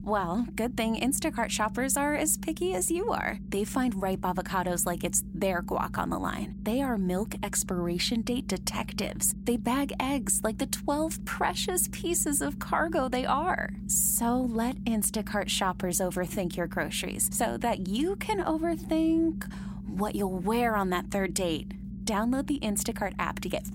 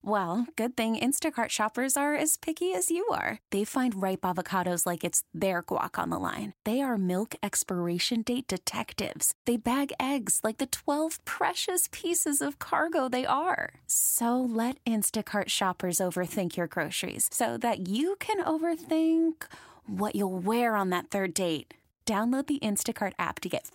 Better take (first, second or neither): second